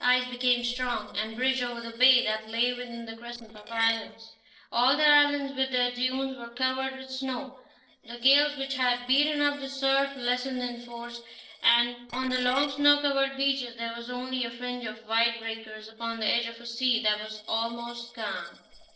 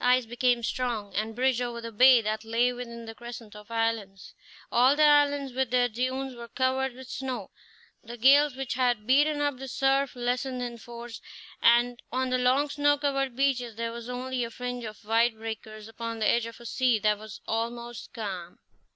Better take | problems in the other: second | noise reduction (neural separator model SepFormer DNS4)

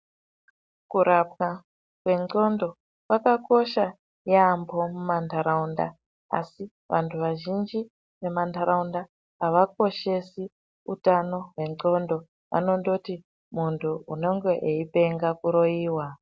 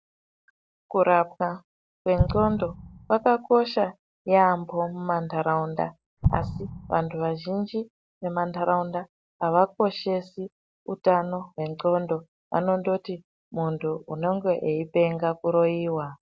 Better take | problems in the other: first | background sound (Explosion); 4 dB below the speech

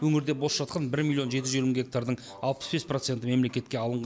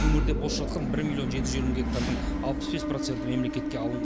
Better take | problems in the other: first | background sound (Engine / Mechanisms); 3 dB above the speech

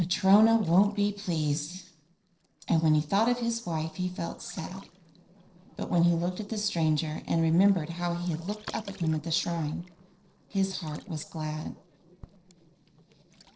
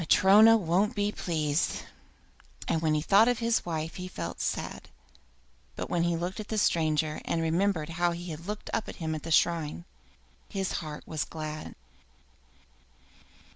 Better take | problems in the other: second | noise reduction (neural separator model SepFormer DNS4)

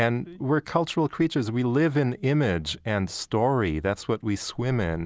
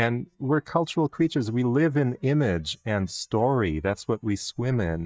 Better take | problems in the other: first | noise reduction (neural mask model DeepFilterNet 3)

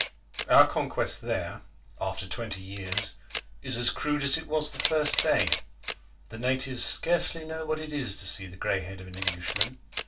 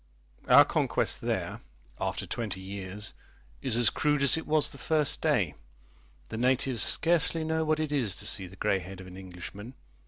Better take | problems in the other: second | background sound (Camera); 8 dB below the speech // room echo; dies away in 0.2 s

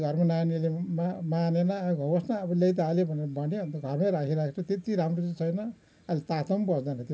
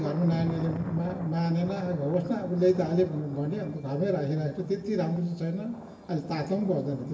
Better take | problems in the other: first | background sound (Thunder); 14 dB below the speech // room echo; dies away in 0.9 s

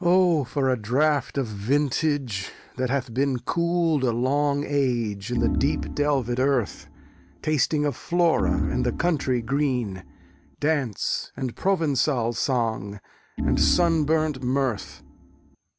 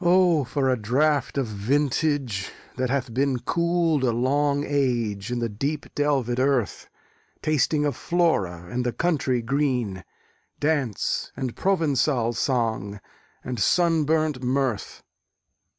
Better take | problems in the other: second | background sound (Organ); 5 dB below the speech

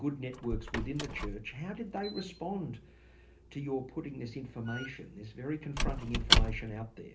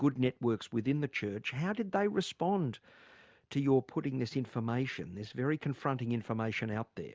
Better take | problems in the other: second | background sound (Squeak / Wood); 3 dB above the speech // room echo; dies away in 0.3 s

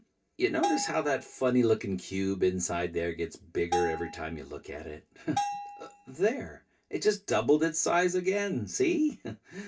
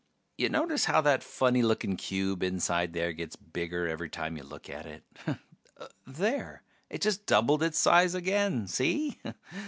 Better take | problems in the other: second | background sound (Bell); 8 dB below the speech // room echo; dies away in 0.2 s

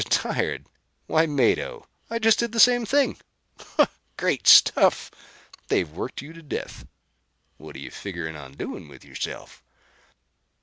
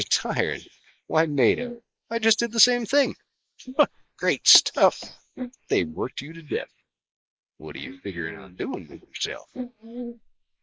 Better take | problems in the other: first | noise reduction (neural mask model Resemble Enhance denoiser)

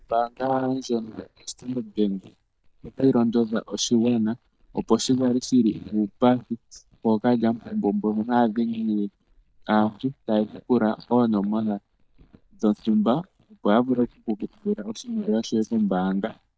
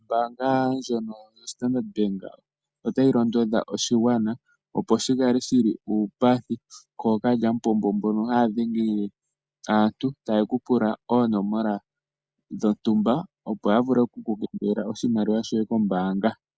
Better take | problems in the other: second | noise reduction (neural mask model DeepFilterNet 3)

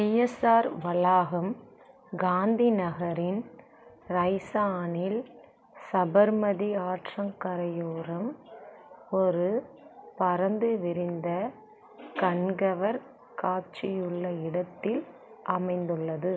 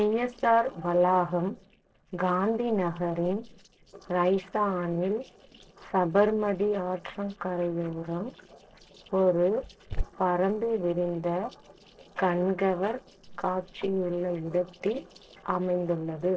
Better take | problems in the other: first | noise reduction (neural separator model SepFormer DNS4)

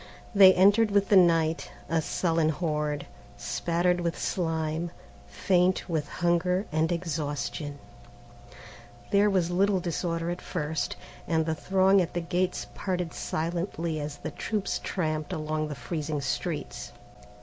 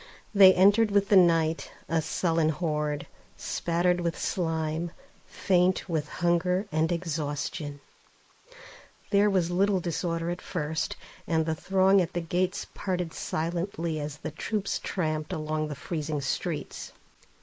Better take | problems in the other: first | noise reduction (neural mask model Resemble Enhance denoiser)

